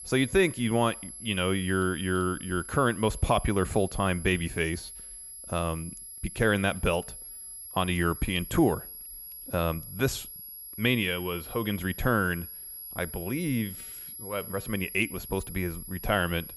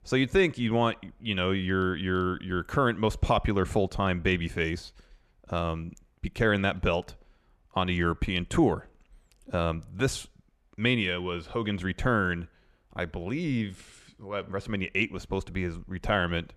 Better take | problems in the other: second | high-pitched whine; noticeable; throughout; 11.5 kHz, 10 dB below the speech

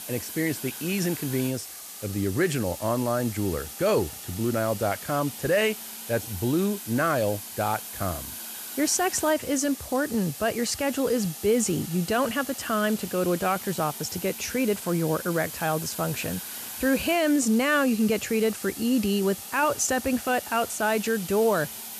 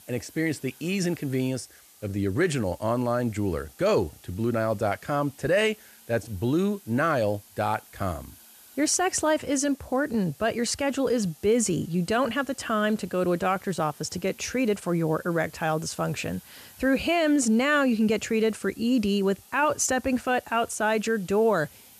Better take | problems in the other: second | hiss; loud; throughout; 10 dB below the speech; faint in the second

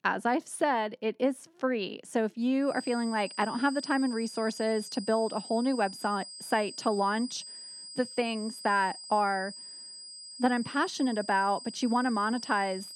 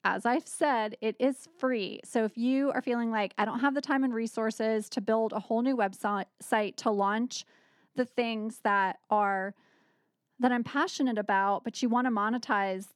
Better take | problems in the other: second | high-pitched whine; noticeable; from 2.5 s on; 5 kHz, 10 dB below the speech

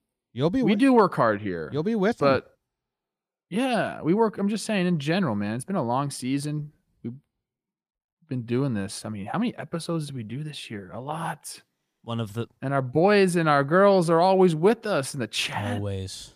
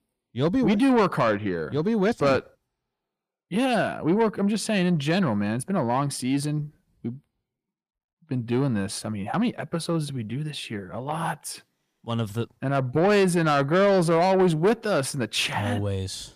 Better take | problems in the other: first | distortion; slight; 10 dB below the speech

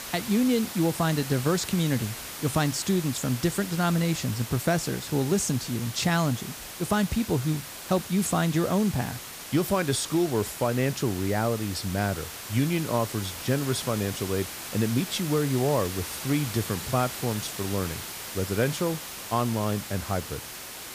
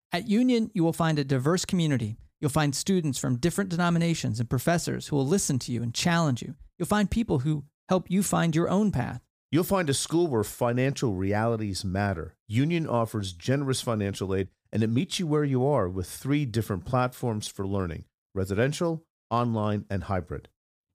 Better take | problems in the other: second | hiss; loud; throughout; 9 dB below the speech

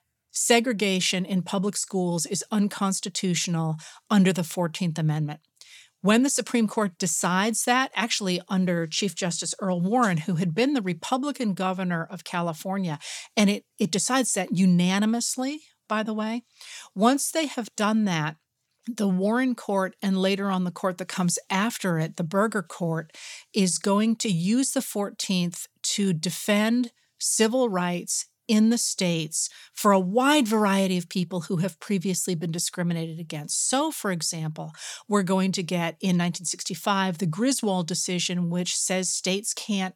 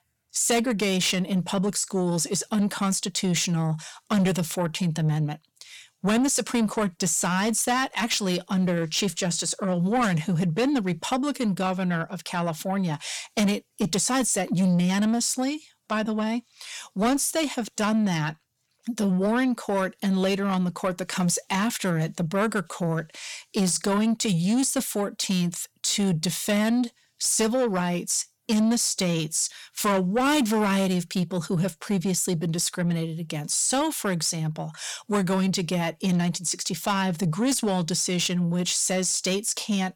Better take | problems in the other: first | distortion; slight; 10 dB below the speech

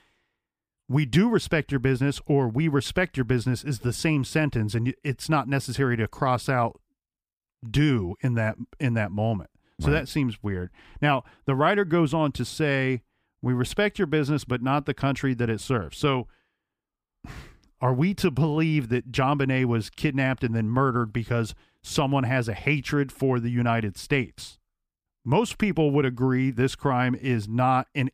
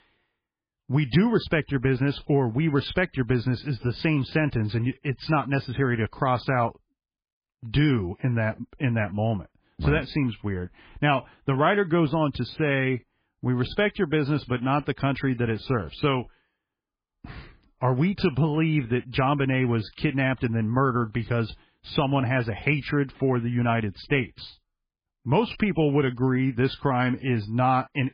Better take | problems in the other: first | garbled, watery; badly

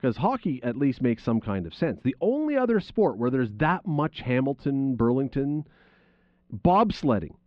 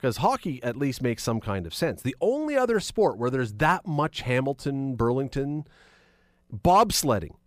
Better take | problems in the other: second | muffled; slightly; fading above 3.5 kHz

